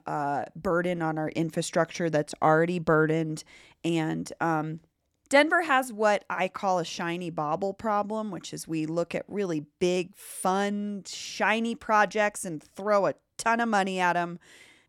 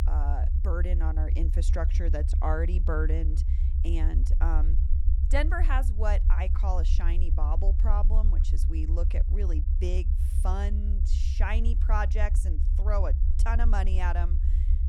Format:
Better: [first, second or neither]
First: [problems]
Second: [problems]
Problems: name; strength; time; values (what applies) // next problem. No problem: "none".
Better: first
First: none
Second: low rumble; noticeable; throughout; 10 dB below the speech